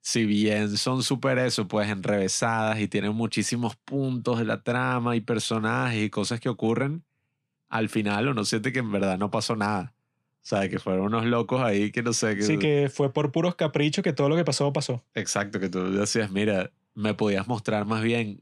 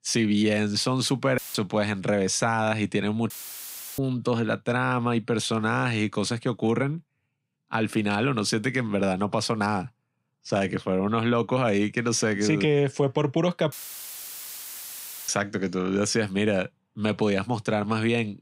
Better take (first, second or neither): first